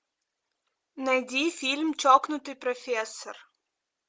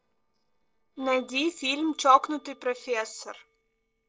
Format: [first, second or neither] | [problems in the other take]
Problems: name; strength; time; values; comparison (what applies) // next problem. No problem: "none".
first | noise reduction (neural separator model SepFormer DNS4)